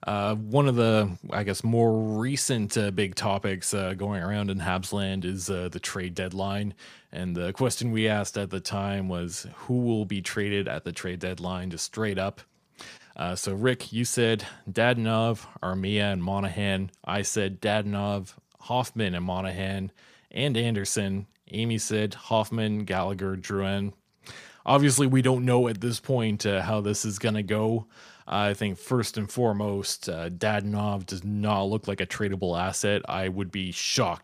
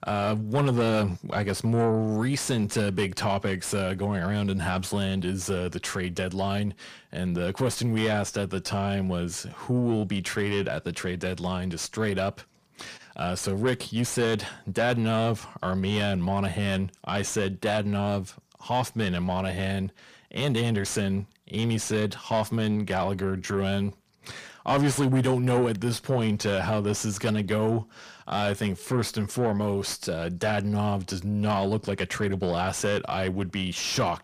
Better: first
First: none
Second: distortion; slight; 10 dB below the speech

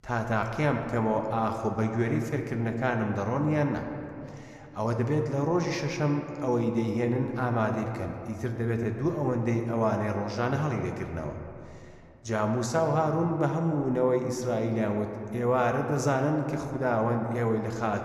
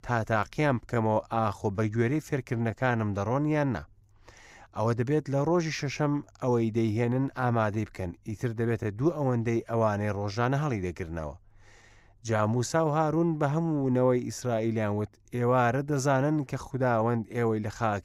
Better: second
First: room echo; slight; dies away in 2 s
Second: none

